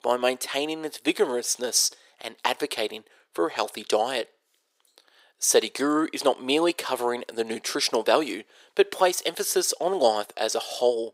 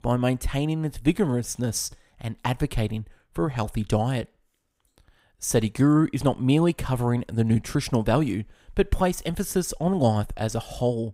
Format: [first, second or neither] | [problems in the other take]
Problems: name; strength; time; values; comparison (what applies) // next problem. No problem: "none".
second | thin; very; fading below 400 Hz